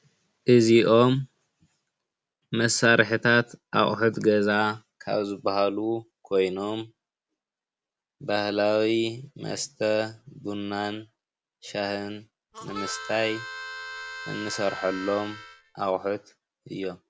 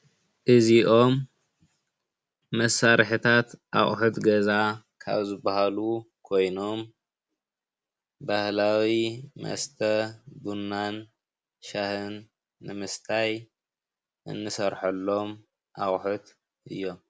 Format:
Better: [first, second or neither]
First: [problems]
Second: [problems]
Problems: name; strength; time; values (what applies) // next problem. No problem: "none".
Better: second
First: background sound (Harmonica); 12 dB below the speech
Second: none